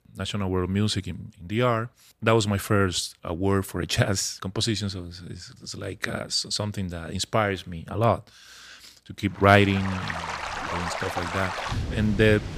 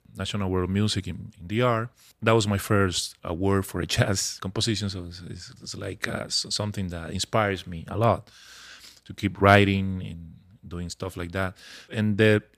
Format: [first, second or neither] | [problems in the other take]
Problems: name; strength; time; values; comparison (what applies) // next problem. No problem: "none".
second | rain or running water; loud; from 9.5 s on; 6 dB below the speech